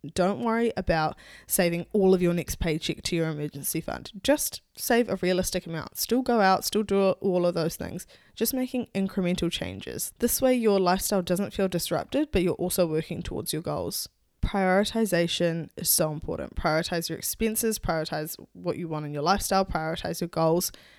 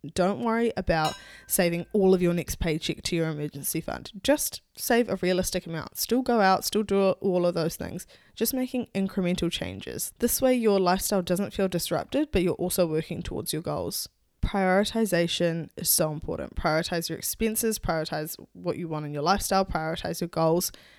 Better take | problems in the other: first | clattering dishes; faint; at 1 s; peak 10 dB below the speech

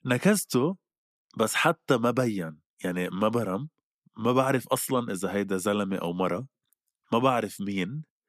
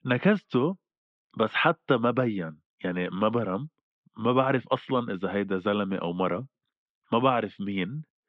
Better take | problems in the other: first | muffled; very; fading above 3.5 kHz

